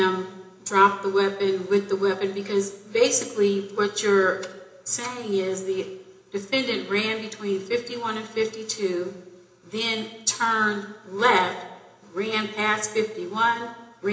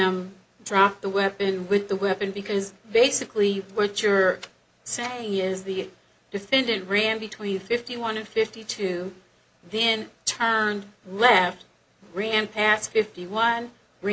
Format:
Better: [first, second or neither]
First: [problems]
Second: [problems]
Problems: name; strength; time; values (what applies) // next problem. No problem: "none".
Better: second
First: room echo; dies away in 0.8 s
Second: none